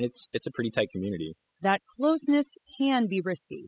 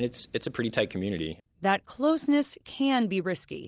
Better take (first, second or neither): second